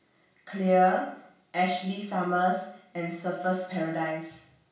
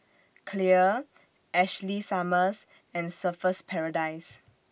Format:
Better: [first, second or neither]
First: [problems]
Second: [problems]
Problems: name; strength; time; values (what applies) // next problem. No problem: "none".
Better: second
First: room echo; dies away in 0.6 s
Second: none